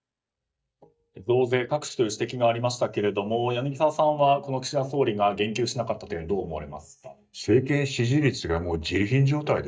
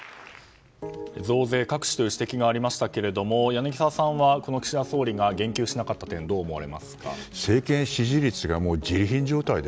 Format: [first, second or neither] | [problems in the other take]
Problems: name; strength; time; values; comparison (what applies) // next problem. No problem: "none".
second | noise reduction (neural mask model DeepFilterNet 3)